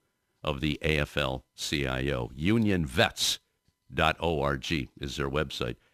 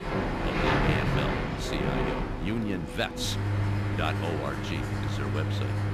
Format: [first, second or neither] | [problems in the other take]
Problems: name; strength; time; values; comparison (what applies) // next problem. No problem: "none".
first | machinery noise; very loud; throughout; 5 dB above the speech